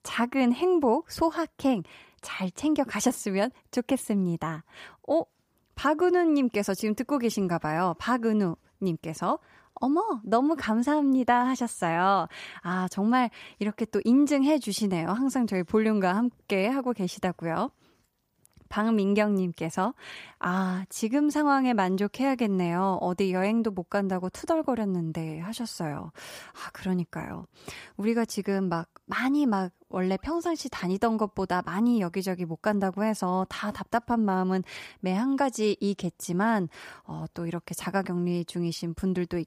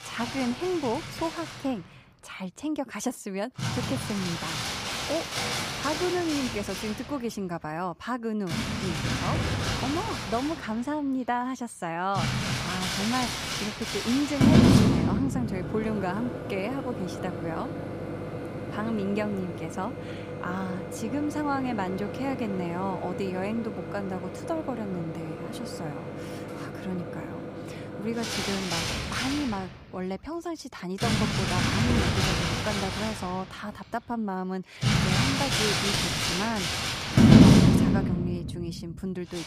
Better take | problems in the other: first | household noises; very loud; throughout; 5 dB above the speech

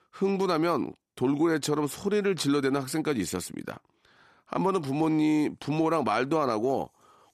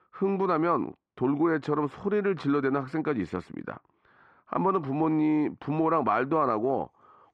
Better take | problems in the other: first | muffled; very; fading above 1.5 kHz

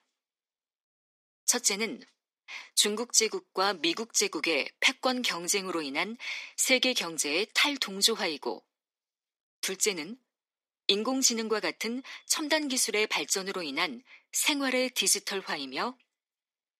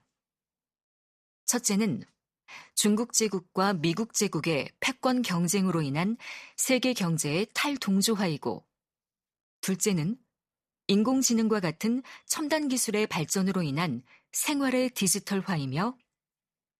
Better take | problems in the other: second | thin; somewhat; fading below 250 Hz

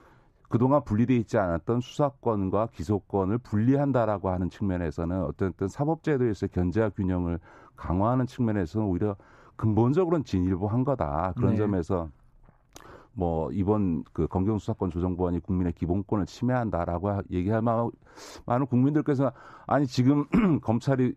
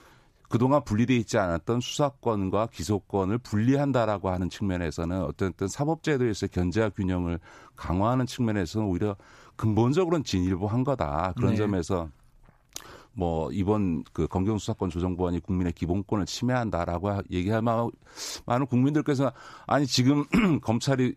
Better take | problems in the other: second | muffled; slightly; fading above 2 kHz

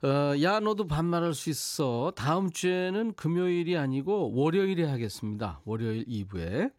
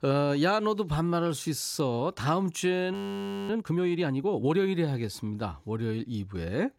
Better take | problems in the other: first | audio freezing; at 3 s for 0.5 s

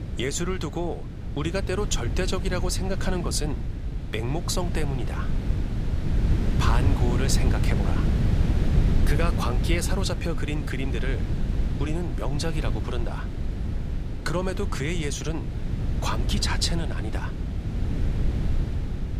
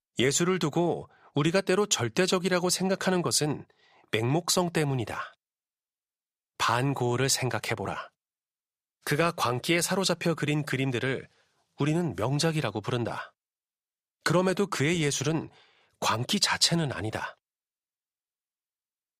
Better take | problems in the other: second | wind noise on the microphone; heavy; 7 dB below the speech

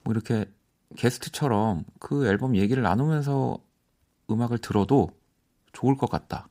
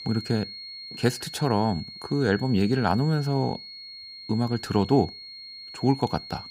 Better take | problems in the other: first | high-pitched whine; noticeable; throughout; 4.5 kHz, 15 dB below the speech

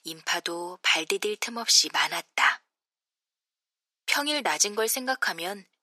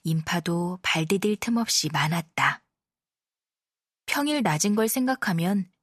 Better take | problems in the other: second | thin; very; fading below 350 Hz

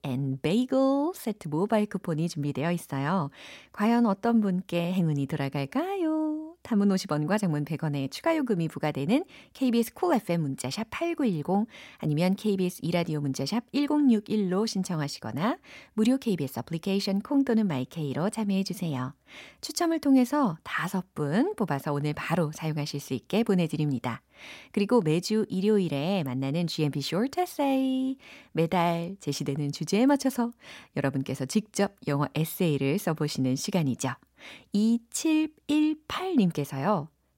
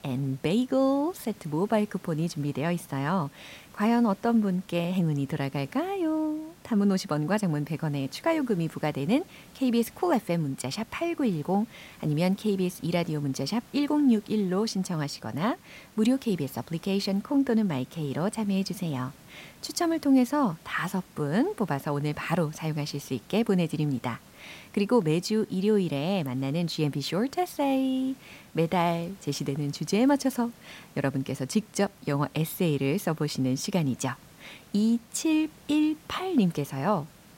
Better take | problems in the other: first | hiss; faint; throughout; 25 dB below the speech

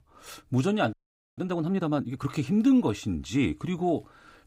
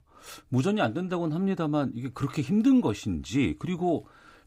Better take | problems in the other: second | audio freezing; at 1 s

